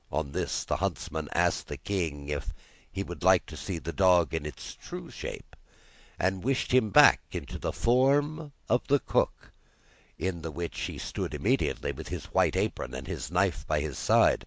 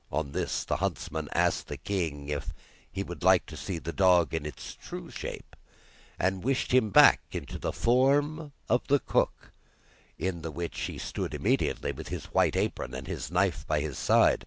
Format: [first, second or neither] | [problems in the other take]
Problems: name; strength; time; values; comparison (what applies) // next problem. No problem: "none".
first | background sound (Finger snapping); 19 dB below the speech